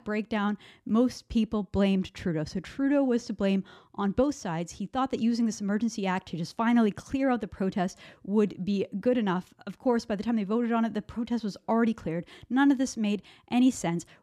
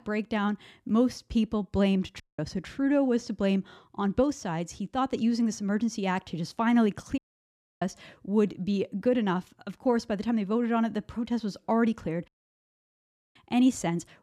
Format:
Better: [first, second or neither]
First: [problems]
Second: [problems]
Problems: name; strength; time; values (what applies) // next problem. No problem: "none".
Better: first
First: none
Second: audio cutting out; at 2 s, at 7 s for 0.5 s and at 12 s for 1 s